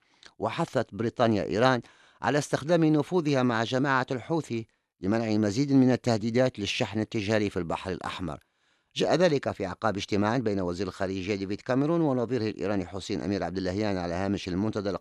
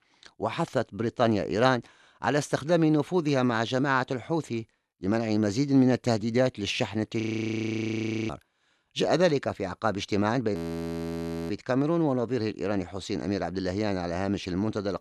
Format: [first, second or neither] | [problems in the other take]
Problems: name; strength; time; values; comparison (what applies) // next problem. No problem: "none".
first | audio freezing; at 7 s for 1 s and at 11 s for 1 s